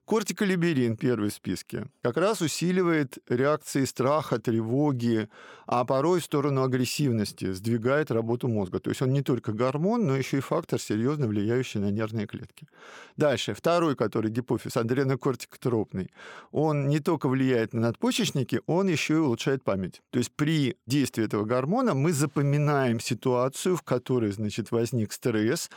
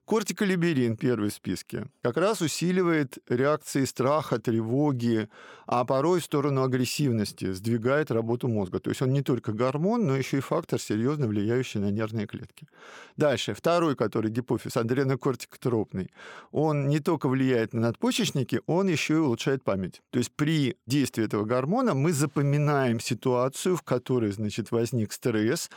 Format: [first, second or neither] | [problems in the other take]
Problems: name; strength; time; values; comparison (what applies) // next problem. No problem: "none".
neither | none